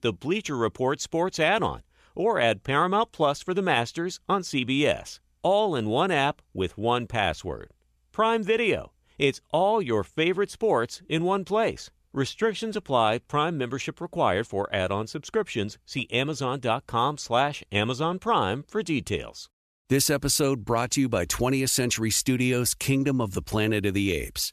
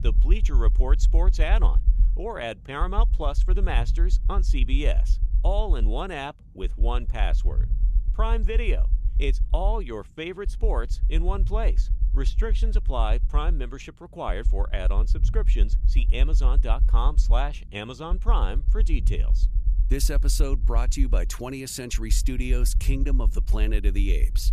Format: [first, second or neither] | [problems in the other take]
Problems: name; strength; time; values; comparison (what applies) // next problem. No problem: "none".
first | low rumble; noticeable; throughout; 15 dB below the speech